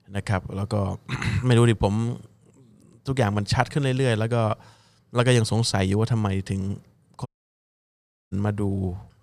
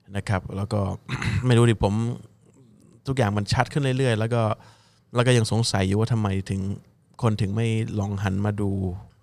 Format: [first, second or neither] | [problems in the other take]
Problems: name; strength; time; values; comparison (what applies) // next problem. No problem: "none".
second | audio cutting out; at 7.5 s for 1 s